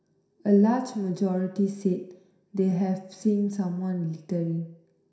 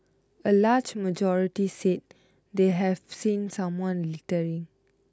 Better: second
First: room echo; dies away in 0.7 s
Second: none

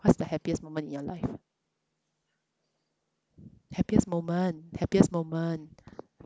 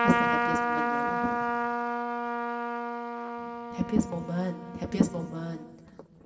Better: first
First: none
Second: background sound (Trumpet); 2 dB above the speech // room echo; dies away in 1.7 s

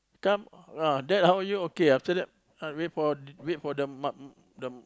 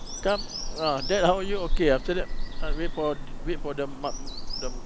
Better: first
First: none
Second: background sound (Bird vocalization, bird call, bird song); as loud as the speech

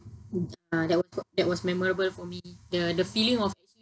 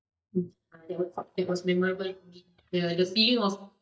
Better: first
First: none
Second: noise reduction (neural mask model DeepFilterNet 3)

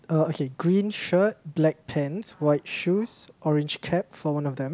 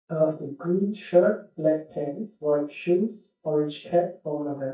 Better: first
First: none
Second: noise reduction (neural mask model DeepFilterNet 3)

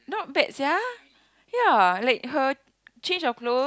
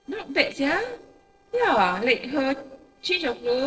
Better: first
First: none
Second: noise reduction (neural separator model SepFormer DNS4)

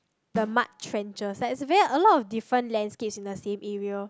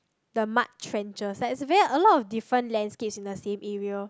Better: second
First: background sound (Drum); 20 dB below the speech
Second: none

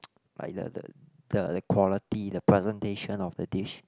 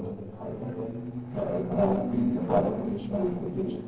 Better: first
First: none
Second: noise reduction (neural separator model SepFormer DNS4)

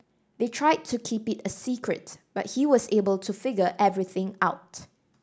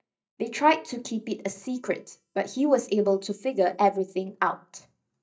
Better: first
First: none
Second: noise reduction (neural mask model DeepFilterNet 3)

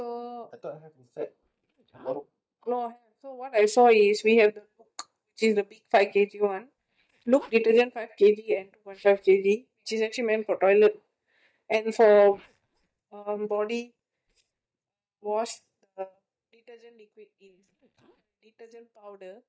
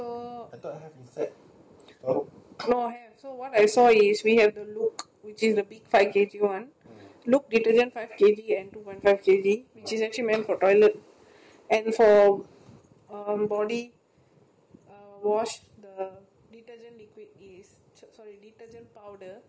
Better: second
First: noise reduction (neural mask model DeepFilterNet 3)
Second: none

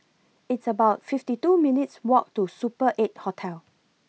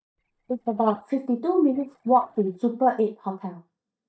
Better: first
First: none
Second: noise reduction (neural mask model DeepFilterNet 3)

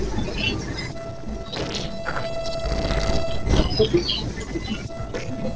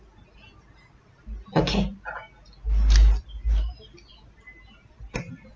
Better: second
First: noise reduction (neural separator model SepFormer DNS4)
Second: none

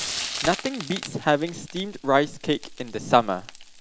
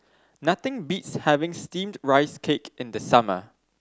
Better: second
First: background sound (Frying (food)); 10 dB below the speech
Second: none

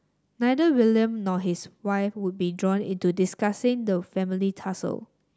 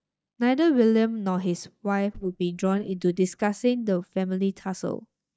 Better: first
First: none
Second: noise reduction (neural mask model DeepFilterNet 3)

